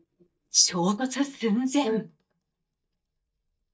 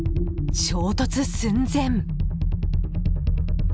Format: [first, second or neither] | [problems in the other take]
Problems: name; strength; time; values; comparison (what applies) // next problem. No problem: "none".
second | noise reduction (neural mask model DeepFilterNet 3)